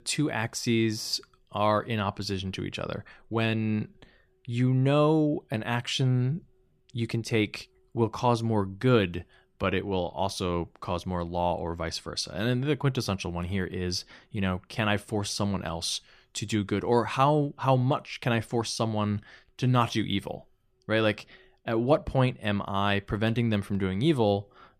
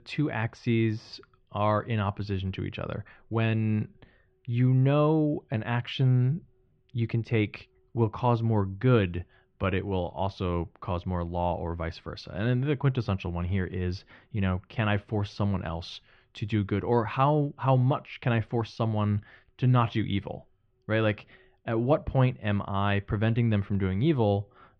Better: first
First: none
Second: muffled; slightly; fading above 3 kHz

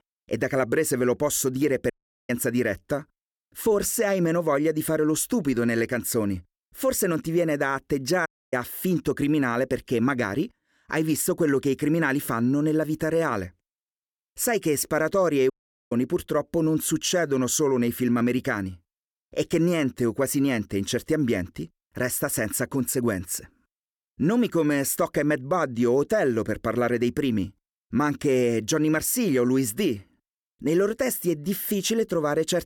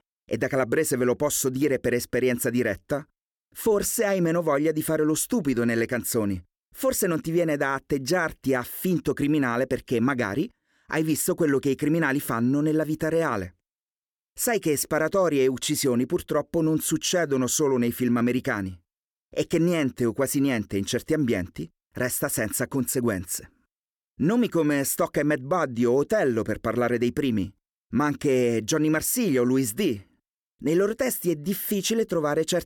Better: second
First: audio cutting out; at 2 s, at 8.5 s and at 16 s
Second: none

